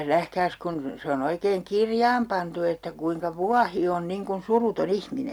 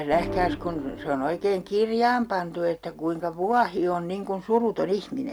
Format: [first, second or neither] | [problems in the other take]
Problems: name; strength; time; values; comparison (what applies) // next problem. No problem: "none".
first | background sound (Organ); 10 dB below the speech